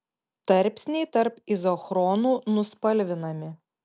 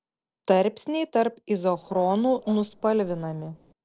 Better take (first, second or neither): first